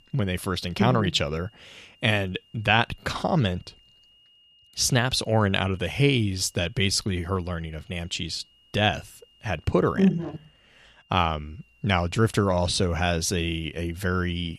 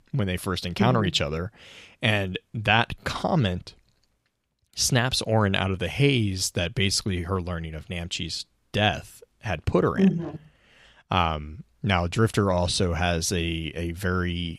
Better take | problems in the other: second | high-pitched whine; faint; throughout; 3 kHz, 30 dB below the speech

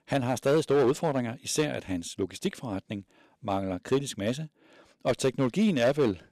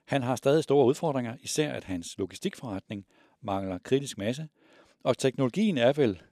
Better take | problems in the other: second | distortion; slight; 4% of the sound clipped

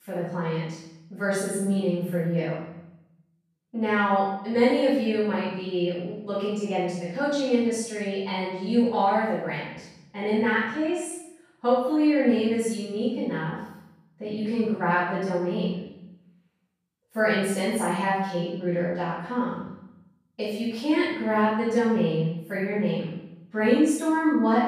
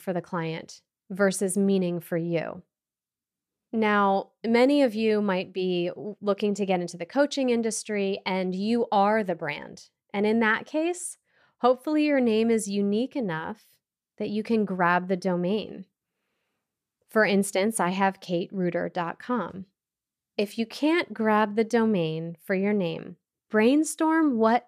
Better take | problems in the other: second | off-mic speech; far // room echo; strong; dies away in 0.8 s

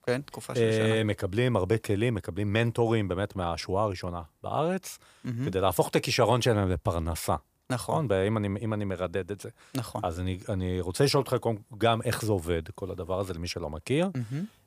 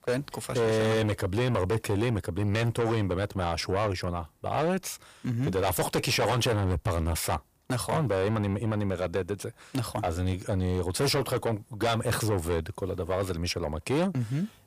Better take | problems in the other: first | distortion; heavy; 7 dB below the speech

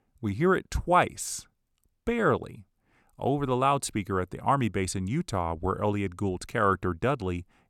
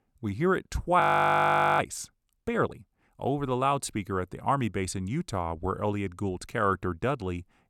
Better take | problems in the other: first | audio freezing; at 1 s for 1 s

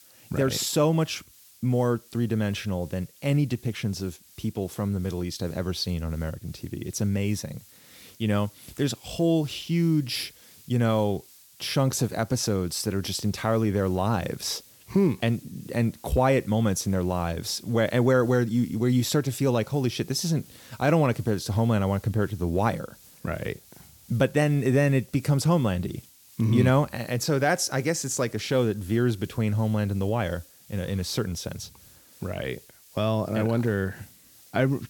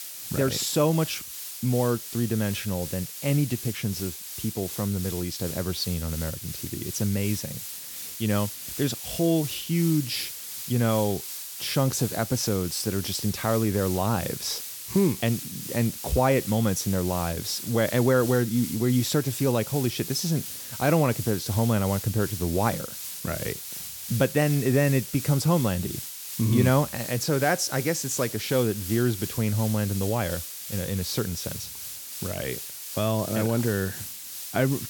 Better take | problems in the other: first | hiss; loud; throughout; 8 dB below the speech; faint in the first

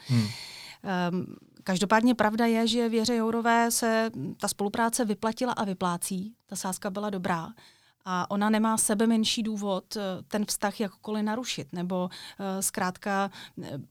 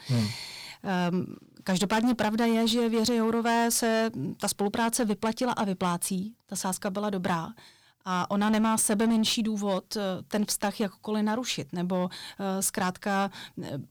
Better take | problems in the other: first | distortion; slight; 8% of the sound clipped

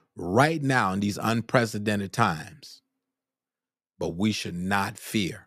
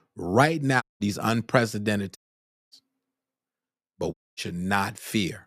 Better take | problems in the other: first | audio cutting out; at 1 s, at 2 s for 0.5 s and at 4 s

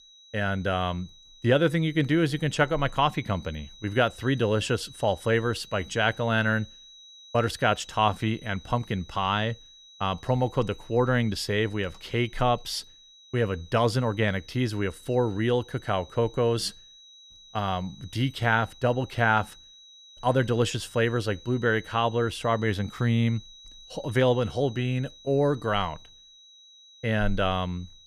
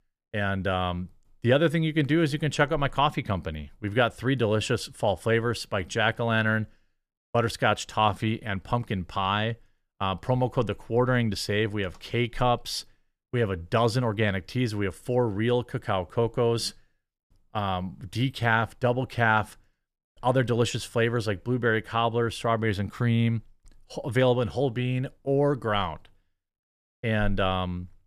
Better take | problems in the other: second | high-pitched whine; faint; throughout; 4 kHz, 20 dB below the speech

